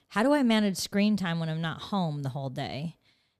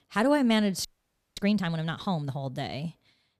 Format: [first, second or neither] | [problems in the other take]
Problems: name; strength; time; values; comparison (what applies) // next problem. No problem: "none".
first | audio freezing; at 1 s for 0.5 s